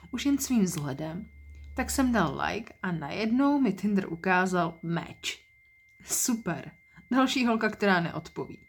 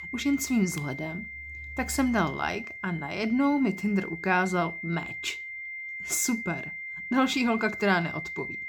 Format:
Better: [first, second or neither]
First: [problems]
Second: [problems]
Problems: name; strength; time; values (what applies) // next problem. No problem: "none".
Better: first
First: high-pitched whine; faint; throughout; 2 kHz, 30 dB below the speech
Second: high-pitched whine; loud; throughout; 2 kHz, 8 dB below the speech